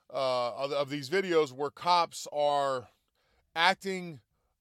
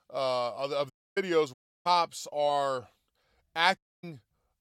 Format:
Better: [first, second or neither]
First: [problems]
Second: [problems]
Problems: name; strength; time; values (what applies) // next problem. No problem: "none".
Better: first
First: none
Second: audio cutting out; at 1 s, at 1.5 s and at 4 s